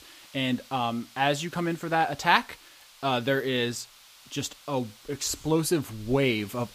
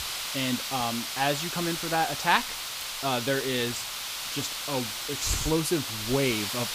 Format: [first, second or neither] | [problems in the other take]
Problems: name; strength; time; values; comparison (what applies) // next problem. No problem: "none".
first | hiss; loud; throughout; 2 dB below the speech; faint in the first